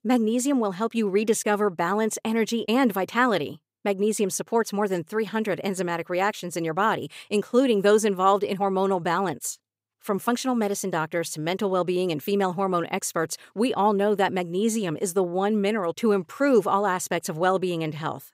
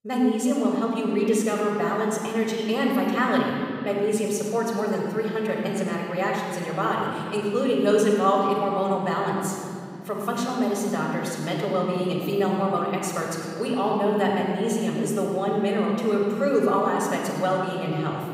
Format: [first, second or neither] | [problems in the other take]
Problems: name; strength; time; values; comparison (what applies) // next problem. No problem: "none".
first | off-mic speech; somewhat distant // room echo; noticeable; dies away in 3 s